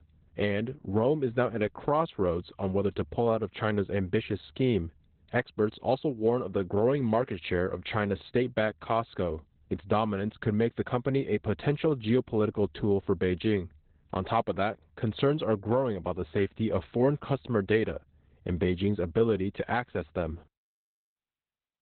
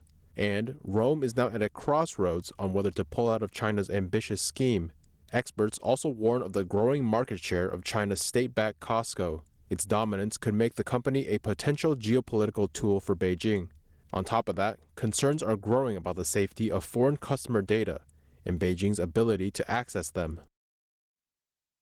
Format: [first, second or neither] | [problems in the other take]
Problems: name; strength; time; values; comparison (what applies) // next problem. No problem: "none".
second | garbled, watery; badly; nothing above 4 kHz; slightly in the second